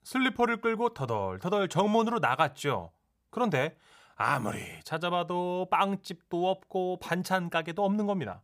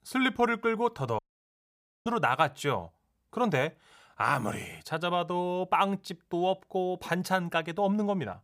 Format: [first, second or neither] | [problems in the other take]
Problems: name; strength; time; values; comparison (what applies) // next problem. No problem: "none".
first | audio cutting out; at 1 s for 1 s